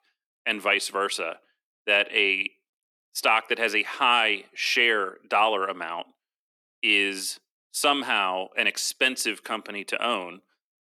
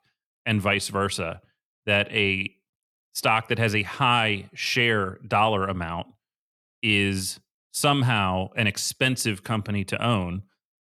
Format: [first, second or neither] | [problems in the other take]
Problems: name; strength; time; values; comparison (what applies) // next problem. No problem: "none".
second | thin; somewhat; fading below 300 Hz